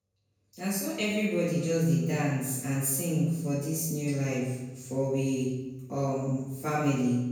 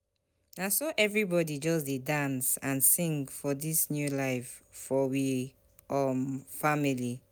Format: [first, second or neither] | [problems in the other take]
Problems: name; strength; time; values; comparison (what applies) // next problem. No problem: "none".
second | room echo; dies away in 1 s